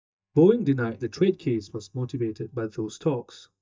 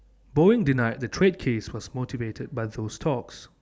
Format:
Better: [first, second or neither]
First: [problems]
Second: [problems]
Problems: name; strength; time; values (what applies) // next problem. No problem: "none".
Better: second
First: noise reduction (neural mask model DeepFilterNet 3)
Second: none